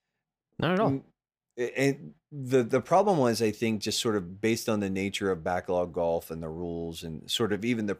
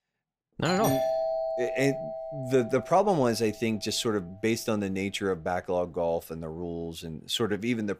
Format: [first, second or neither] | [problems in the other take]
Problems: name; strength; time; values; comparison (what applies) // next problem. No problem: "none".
first | doorbell; loud; from 0.5 to 3.5 s; peak 1 dB above the speech